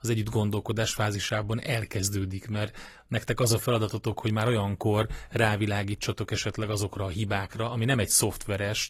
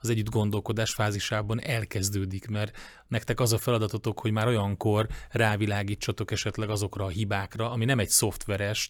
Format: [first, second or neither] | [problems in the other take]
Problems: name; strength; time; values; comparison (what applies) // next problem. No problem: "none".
second | garbled, watery; slightly